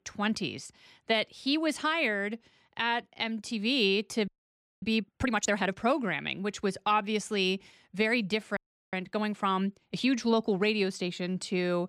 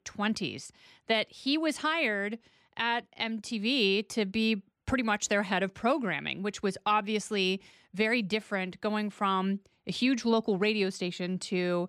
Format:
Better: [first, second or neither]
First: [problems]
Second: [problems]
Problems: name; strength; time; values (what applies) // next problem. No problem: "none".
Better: second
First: audio freezing; at 4.5 s for 0.5 s and at 8.5 s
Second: none